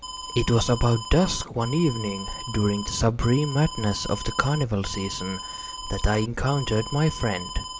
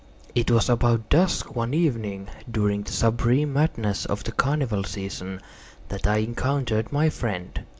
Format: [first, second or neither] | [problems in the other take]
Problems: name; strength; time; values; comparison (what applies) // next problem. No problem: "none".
second | background sound (Alarm); 12 dB below the speech